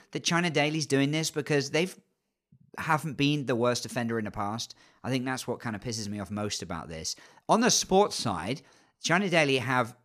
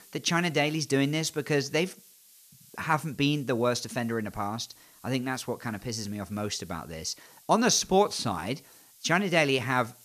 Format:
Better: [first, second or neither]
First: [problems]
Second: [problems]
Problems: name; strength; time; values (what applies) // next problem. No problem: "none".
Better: first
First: none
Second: hiss; faint; throughout; 25 dB below the speech